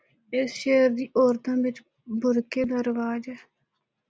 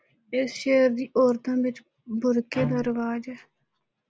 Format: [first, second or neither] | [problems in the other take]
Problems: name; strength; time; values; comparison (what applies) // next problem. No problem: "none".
first | background sound (Bowed string instrument); 11 dB below the speech